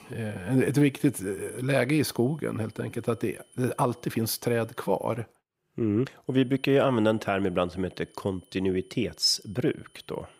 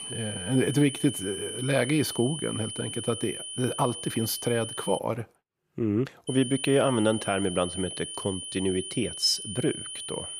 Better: first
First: high-pitched whine; faint; until 5 s and from 6.5 s on; 3 kHz, 35 dB below the speech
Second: high-pitched whine; loud; until 5 s and from 6.5 s on; 3 kHz, 7 dB below the speech

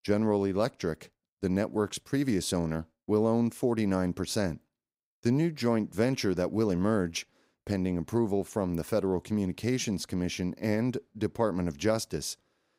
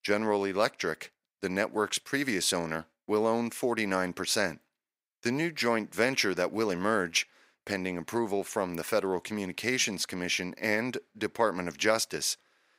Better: first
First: none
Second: thin; somewhat; fading below 750 Hz

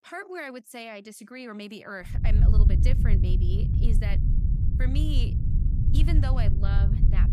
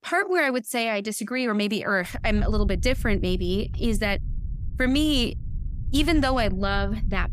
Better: second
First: low rumble; loud; from 2 s on; 2 dB below the speech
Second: low rumble; faint; from 2 s on; 25 dB below the speech

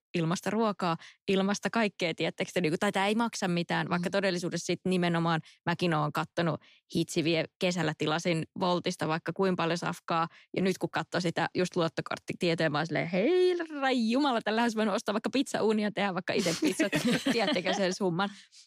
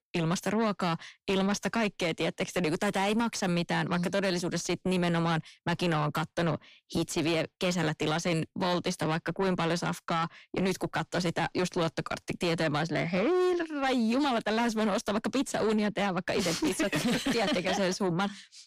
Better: first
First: none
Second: distortion; slight; 10 dB below the speech

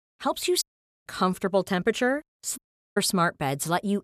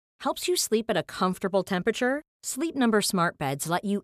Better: second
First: audio cutting out; at 0.5 s and at 2.5 s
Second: none

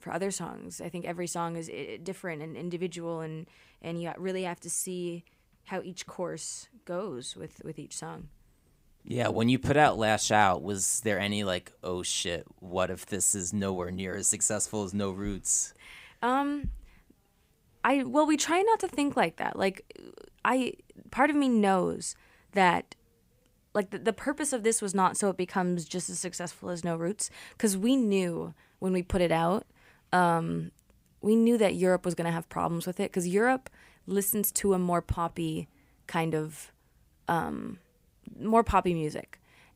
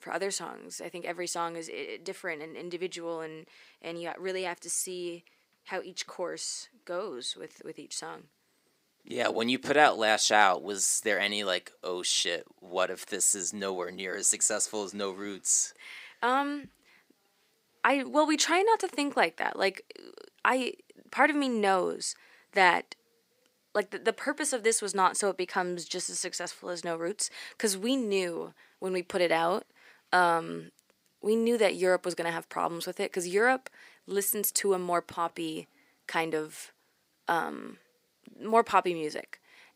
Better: first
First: none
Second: thin; very slightly; fading below 350 Hz

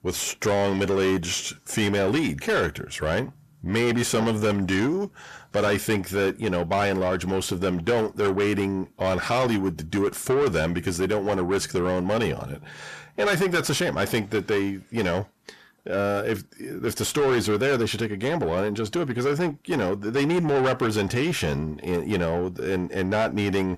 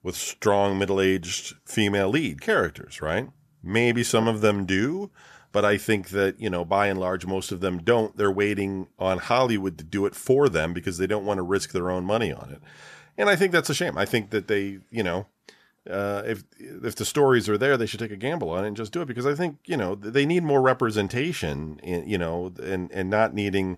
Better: second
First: distortion; heavy; 7 dB below the speech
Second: none

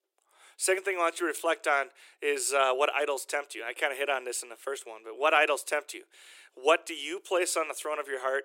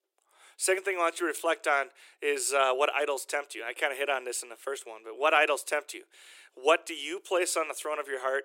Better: neither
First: thin; very; fading below 350 Hz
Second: thin; very; fading below 350 Hz

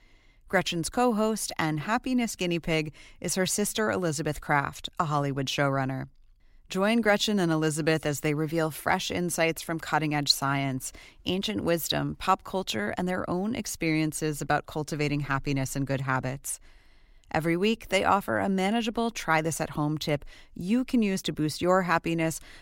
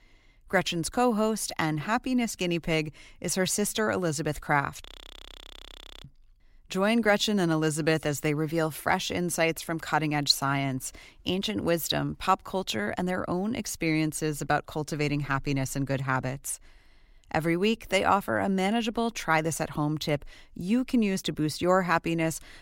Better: first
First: none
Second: audio freezing; at 5 s for 1 s

